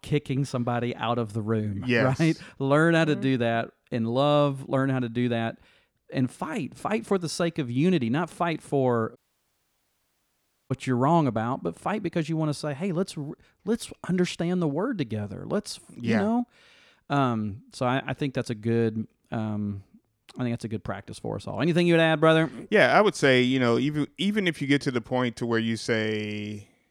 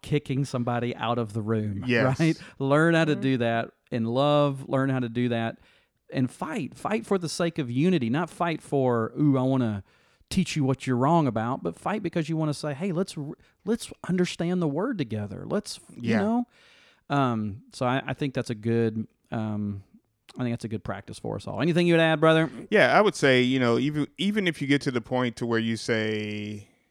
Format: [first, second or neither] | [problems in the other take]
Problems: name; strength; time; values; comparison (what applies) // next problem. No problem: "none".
second | audio cutting out; at 9 s for 1.5 s